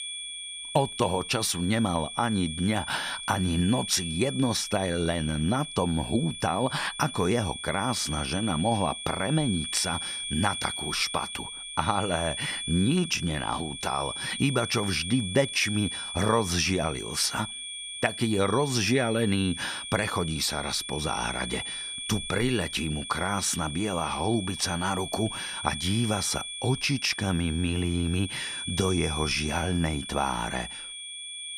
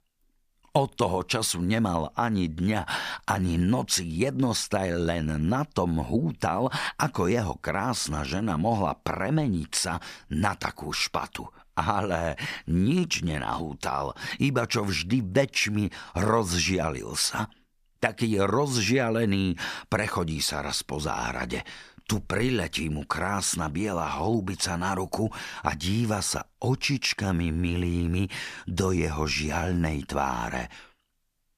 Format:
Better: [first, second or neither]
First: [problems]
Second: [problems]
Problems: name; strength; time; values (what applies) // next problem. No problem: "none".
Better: second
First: high-pitched whine; loud; throughout; 3.5 kHz, 7 dB below the speech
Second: none